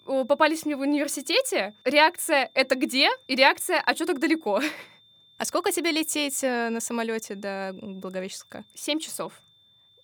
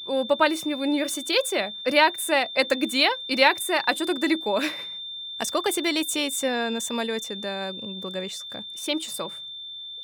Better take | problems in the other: first | high-pitched whine; loud; throughout; 3.5 kHz, 9 dB below the speech; faint in the first

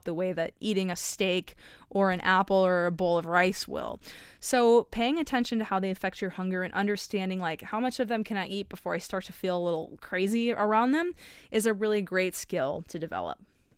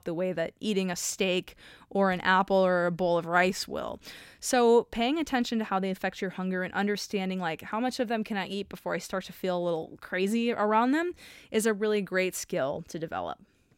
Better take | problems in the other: second | garbled, watery; slightly; nothing above 16 kHz

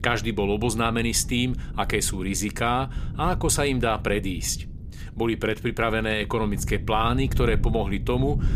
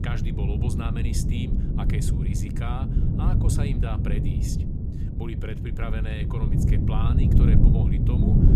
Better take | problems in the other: first | wind noise on the microphone; heavy; 2 dB above the speech; occasional gusts in the first

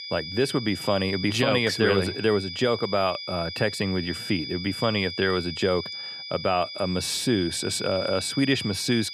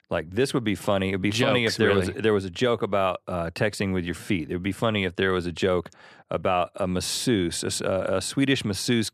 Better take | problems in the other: second | high-pitched whine; loud; throughout; 5 kHz, 8 dB below the speech

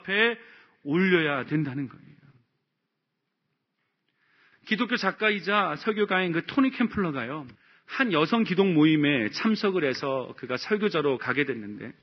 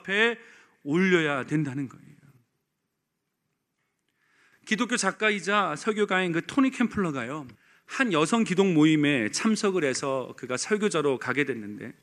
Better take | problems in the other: second | garbled, watery; badly; nothing above 5.5 kHz

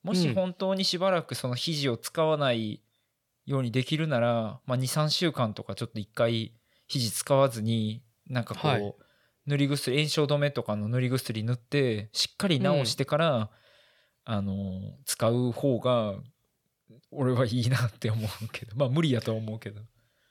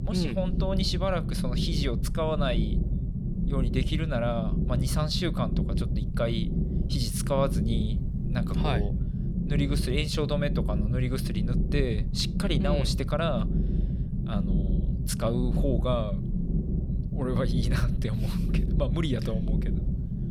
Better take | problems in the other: first | low rumble; loud; throughout; 7 dB below the speech

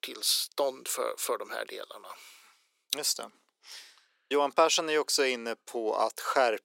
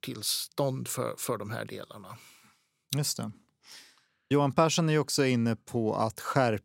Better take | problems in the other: second | thin; very; fading below 400 Hz

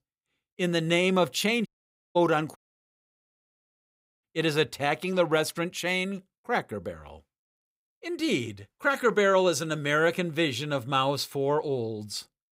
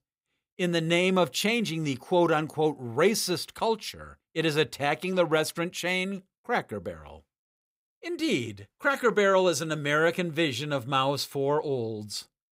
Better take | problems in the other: second | audio cutting out; at 1.5 s and at 2.5 s for 1.5 s

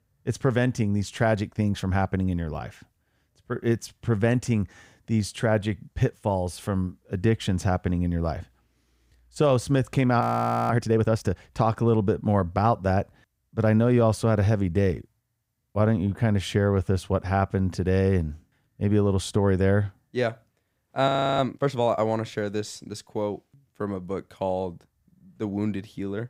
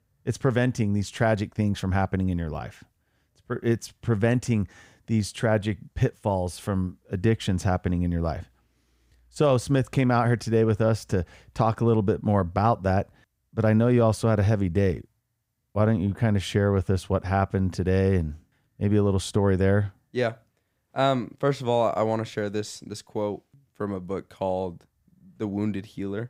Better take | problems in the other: second | audio freezing; at 10 s and at 21 s

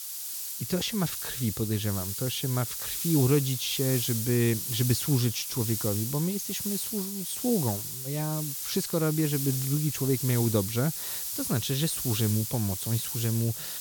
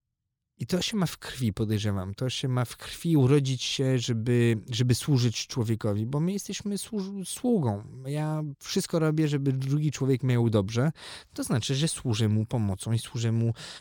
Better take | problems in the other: second | hiss; loud; throughout; 3 dB below the speech

